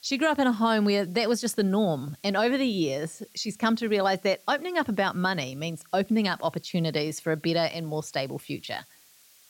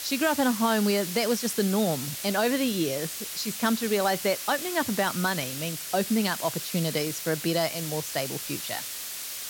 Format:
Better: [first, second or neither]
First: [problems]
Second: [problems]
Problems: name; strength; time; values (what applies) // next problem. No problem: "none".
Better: first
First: hiss; faint; throughout; 25 dB below the speech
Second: hiss; loud; throughout; 5 dB below the speech